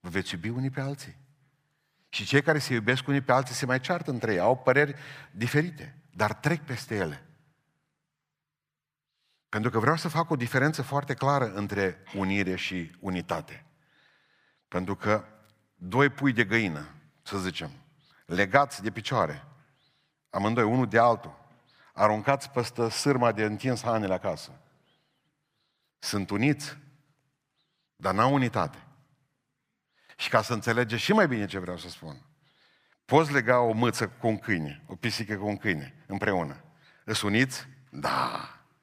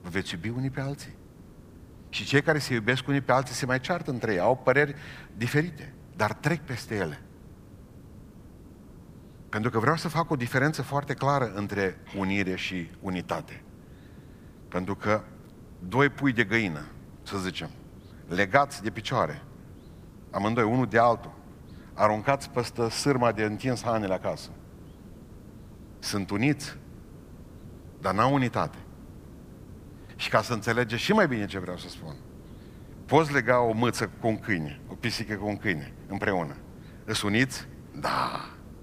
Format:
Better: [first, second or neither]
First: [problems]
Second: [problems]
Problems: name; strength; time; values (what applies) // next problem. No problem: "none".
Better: first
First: none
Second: hiss; faint; throughout; 20 dB below the speech